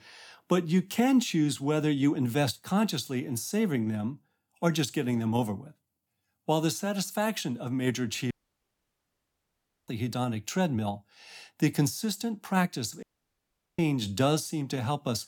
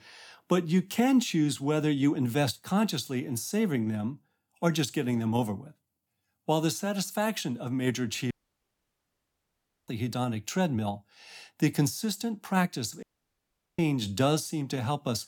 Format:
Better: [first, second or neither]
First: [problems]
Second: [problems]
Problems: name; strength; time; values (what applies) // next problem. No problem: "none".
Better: neither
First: audio cutting out; at 8.5 s for 1.5 s and at 13 s for 1 s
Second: audio cutting out; at 8.5 s for 1.5 s and at 13 s for 1 s